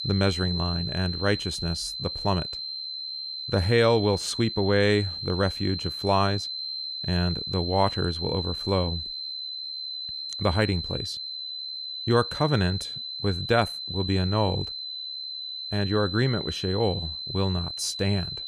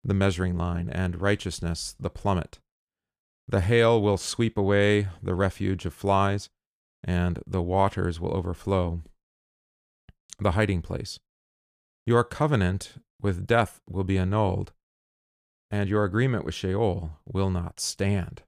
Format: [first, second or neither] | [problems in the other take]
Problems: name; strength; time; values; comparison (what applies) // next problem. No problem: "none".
second | high-pitched whine; loud; throughout; 4 kHz, 5 dB below the speech